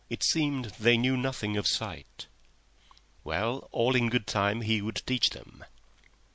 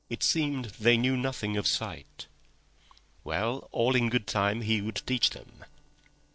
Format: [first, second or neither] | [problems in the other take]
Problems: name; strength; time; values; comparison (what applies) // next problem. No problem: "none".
first | noise reduction (neural separator model SepFormer DNS4)